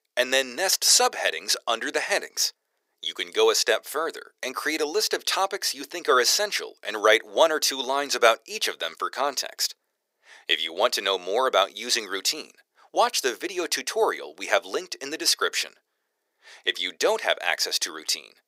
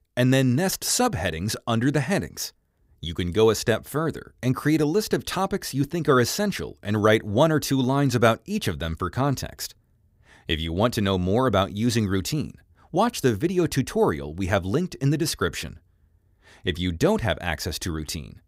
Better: second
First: thin; very; fading below 450 Hz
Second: none

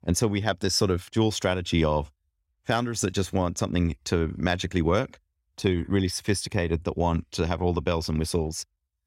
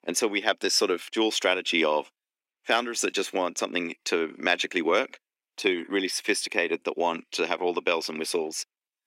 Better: first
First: none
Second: thin; somewhat; fading below 300 Hz

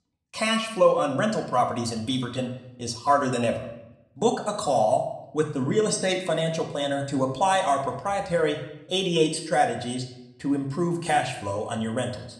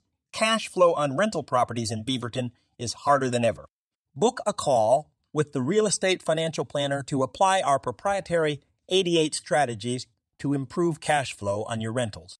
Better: second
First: room echo; slight; dies away in 0.7 s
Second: none

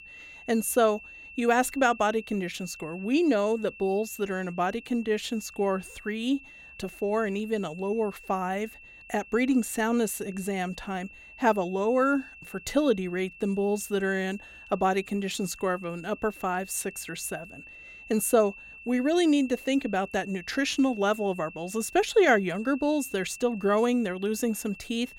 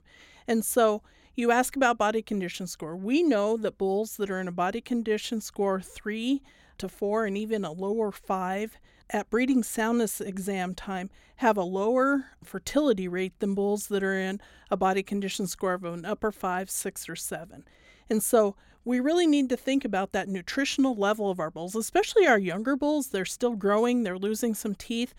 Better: second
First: high-pitched whine; noticeable; throughout; 2.5 kHz, 20 dB below the speech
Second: none

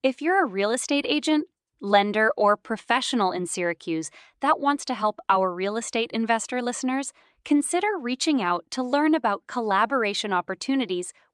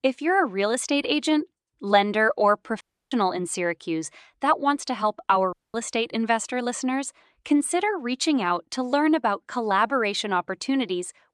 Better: first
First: none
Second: audio cutting out; at 3 s and at 5.5 s

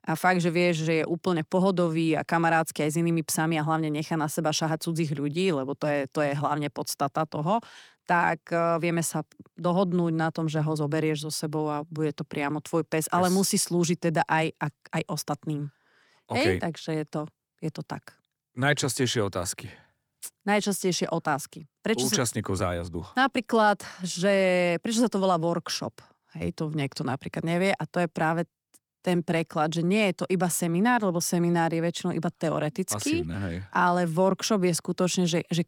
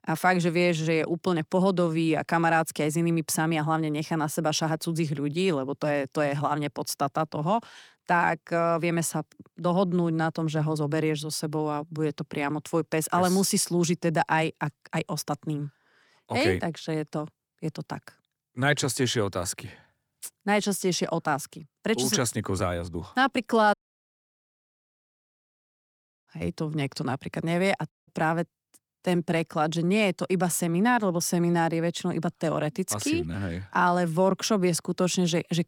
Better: first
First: none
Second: audio cutting out; at 24 s for 2.5 s and at 28 s

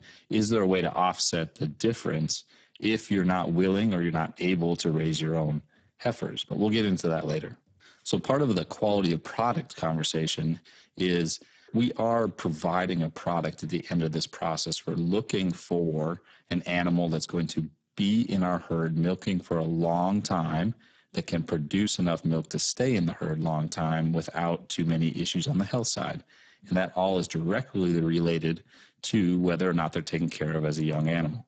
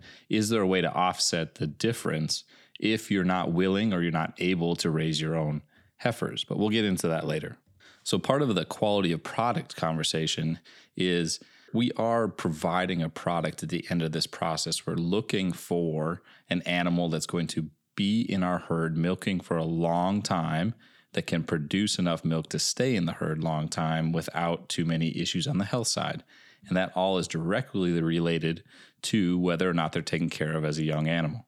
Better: second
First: garbled, watery; badly; nothing above 7.5 kHz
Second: none

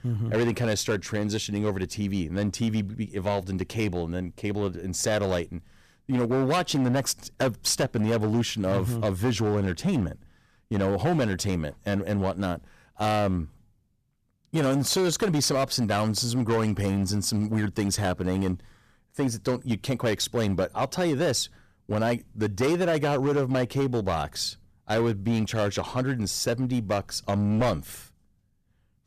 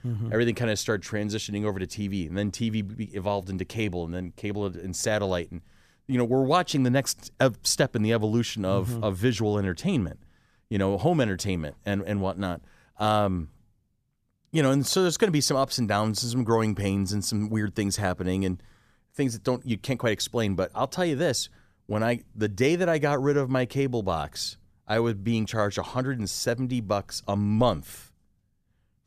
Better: second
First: distortion; slight; 9% of the sound clipped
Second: none

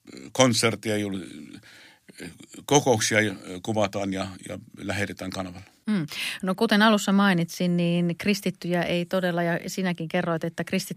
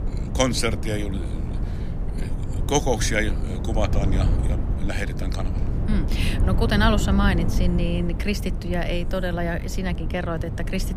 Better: first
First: none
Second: wind noise on the microphone; occasional gusts; 10 dB below the speech

